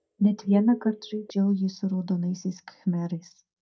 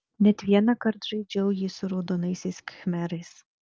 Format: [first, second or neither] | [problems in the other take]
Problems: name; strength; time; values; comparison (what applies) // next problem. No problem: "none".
second | noise reduction (neural mask model DeepFilterNet 3)